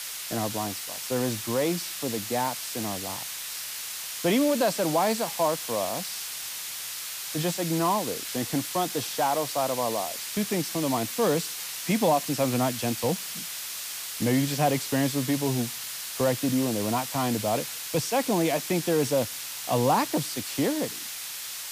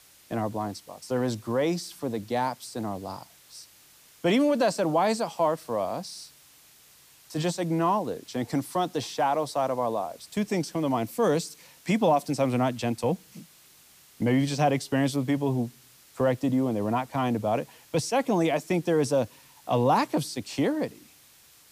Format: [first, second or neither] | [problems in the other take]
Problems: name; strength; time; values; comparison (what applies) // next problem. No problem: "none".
second | hiss; loud; throughout; 5 dB below the speech; faint in the second